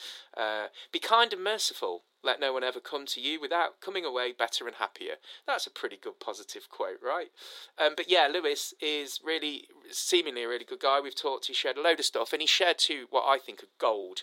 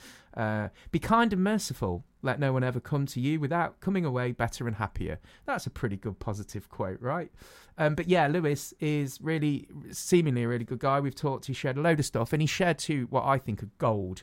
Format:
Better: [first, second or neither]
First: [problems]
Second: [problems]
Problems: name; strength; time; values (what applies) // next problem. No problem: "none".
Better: second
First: thin; very; fading below 350 Hz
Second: none